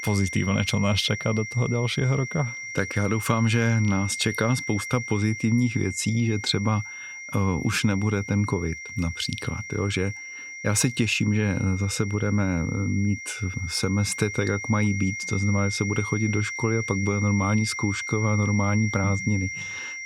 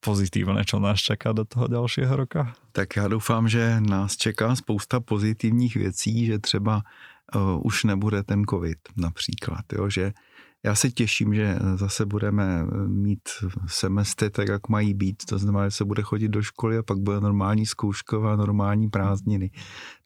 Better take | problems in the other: second | high-pitched whine; loud; throughout; 2 kHz, 7 dB below the speech

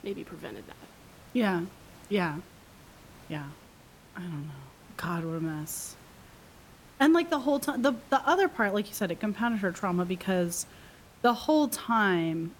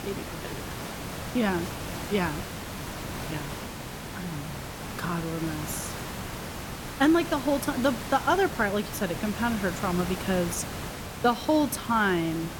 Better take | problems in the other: first | hiss; loud; throughout; 8 dB below the speech; faint in the first

